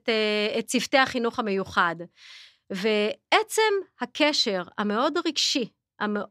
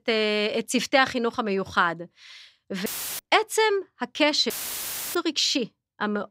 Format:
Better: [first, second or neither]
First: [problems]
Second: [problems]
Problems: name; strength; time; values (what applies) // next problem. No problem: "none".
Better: first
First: none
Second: audio cutting out; filled with static; at 3 s and at 4.5 s for 0.5 s